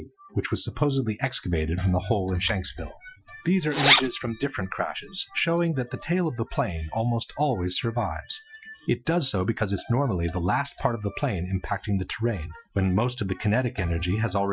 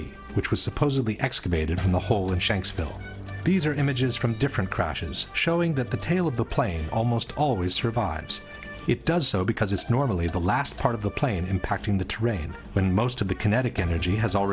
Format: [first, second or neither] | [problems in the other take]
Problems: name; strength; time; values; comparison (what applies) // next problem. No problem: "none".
second | noise reduction (classical method Wiener filter)